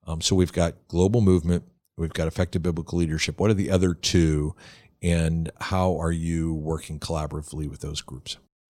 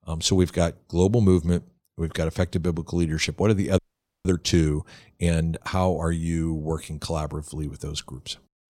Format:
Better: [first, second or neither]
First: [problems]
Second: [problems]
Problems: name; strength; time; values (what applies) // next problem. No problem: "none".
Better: first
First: none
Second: audio freezing; at 4 s